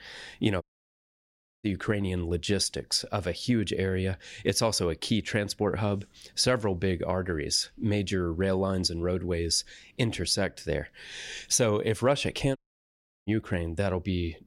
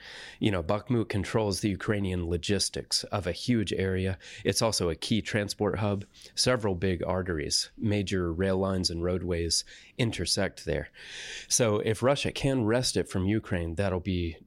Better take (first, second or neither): second